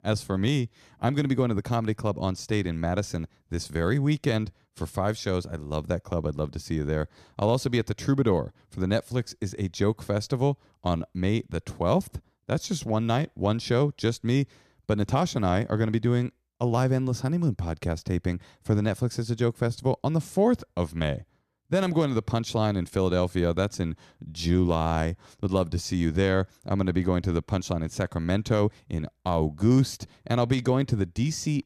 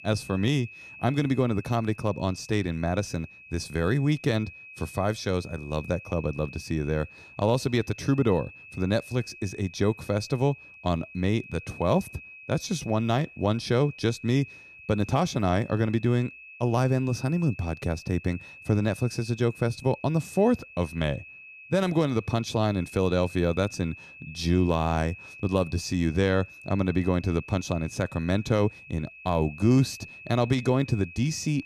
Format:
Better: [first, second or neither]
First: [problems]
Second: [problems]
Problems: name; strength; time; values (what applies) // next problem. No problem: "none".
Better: first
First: none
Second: high-pitched whine; noticeable; throughout; 2.5 kHz, 15 dB below the speech